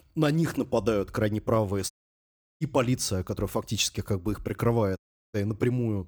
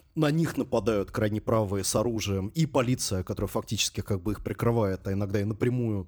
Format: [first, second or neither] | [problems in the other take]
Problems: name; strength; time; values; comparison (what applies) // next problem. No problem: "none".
second | audio cutting out; at 2 s for 0.5 s and at 5 s